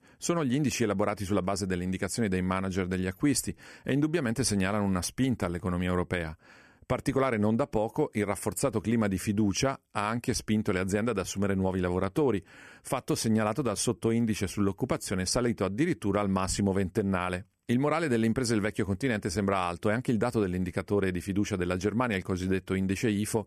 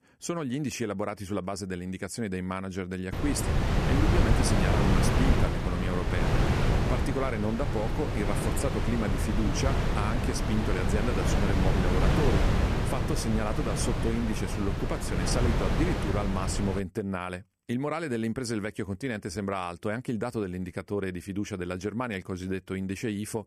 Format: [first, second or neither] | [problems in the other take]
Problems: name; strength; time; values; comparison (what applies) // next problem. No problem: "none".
first | wind noise on the microphone; heavy; from 3 to 17 s; 1 dB above the speech